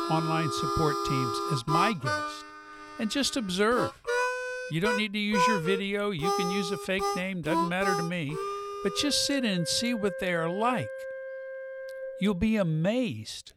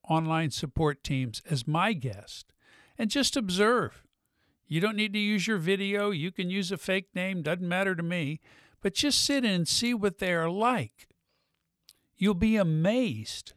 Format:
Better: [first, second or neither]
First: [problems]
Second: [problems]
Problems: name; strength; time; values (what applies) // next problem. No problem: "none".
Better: second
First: background music; loud; throughout; 3 dB below the speech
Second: none